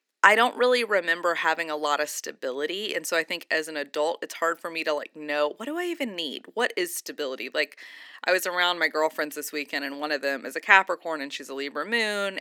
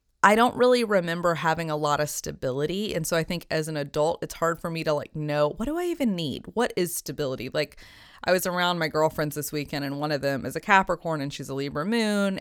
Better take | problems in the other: second | thin; somewhat; fading below 250 Hz

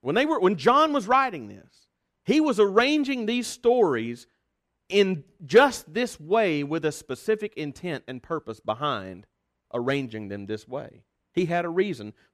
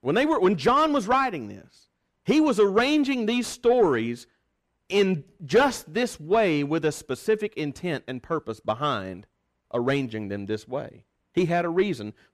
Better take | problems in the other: first | distortion; slight; 10 dB below the speech

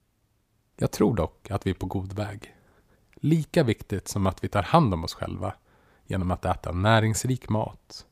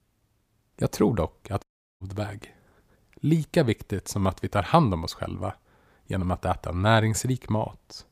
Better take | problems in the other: first | audio cutting out; at 1.5 s

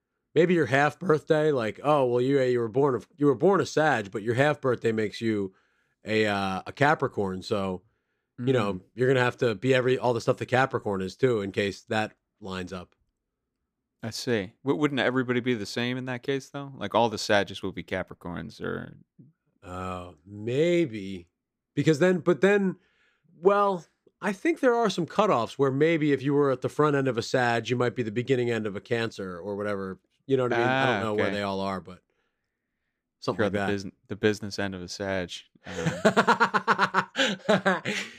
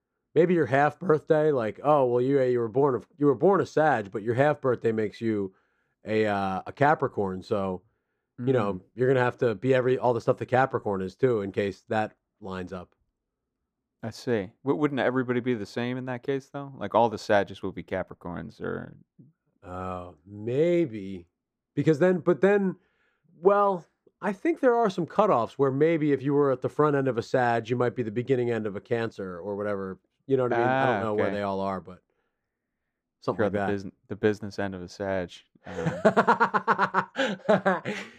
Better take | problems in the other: first | muffled; slightly; fading above 2 kHz

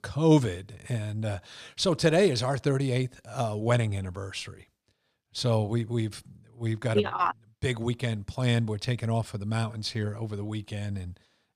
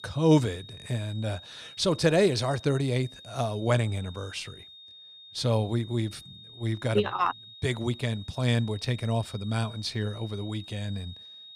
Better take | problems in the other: first | high-pitched whine; noticeable; throughout; 3.5 kHz, 15 dB below the speech

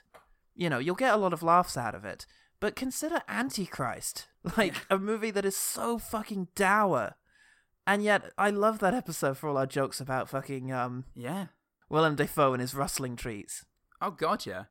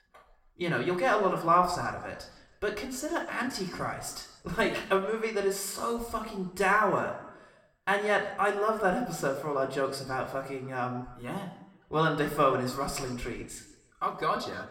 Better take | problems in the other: first | room echo; slight; dies away in 0.8 s // off-mic speech; somewhat distant

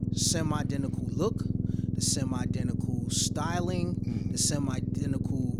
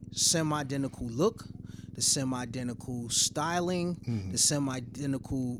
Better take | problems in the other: second | low rumble; loud; throughout; 7 dB below the speech; faint in the second

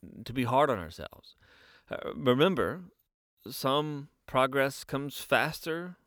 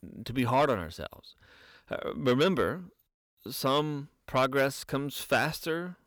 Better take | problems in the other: first | distortion; slight; 10 dB below the speech

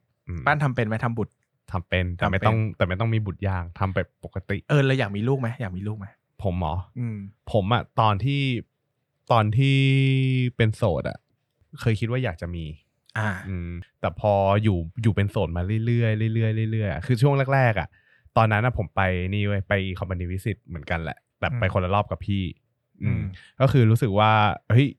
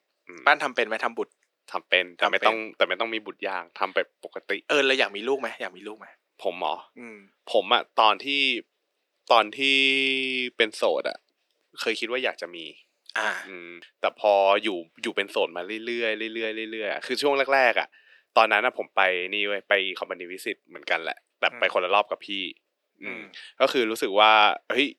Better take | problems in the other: first | thin; very; fading below 300 Hz

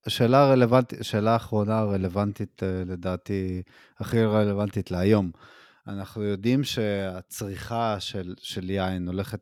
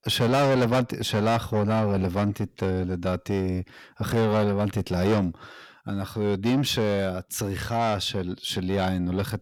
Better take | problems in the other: first | distortion; heavy; 6 dB below the speech

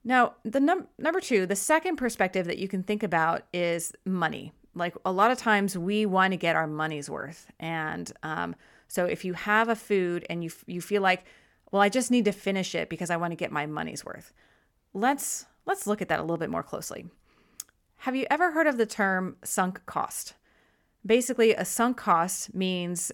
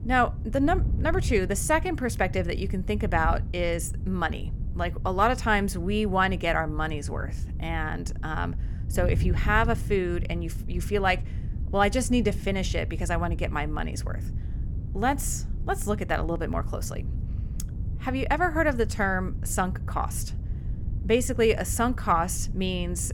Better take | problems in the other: first | wind noise on the microphone; occasional gusts; 20 dB below the speech

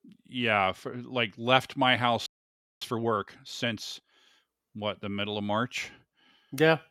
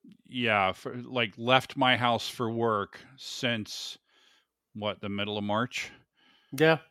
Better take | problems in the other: second | audio freezing; at 2.5 s for 0.5 s

